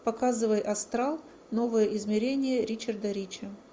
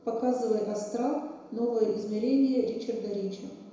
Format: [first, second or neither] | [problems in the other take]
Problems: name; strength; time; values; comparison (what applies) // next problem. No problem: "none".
first | room echo; dies away in 1 s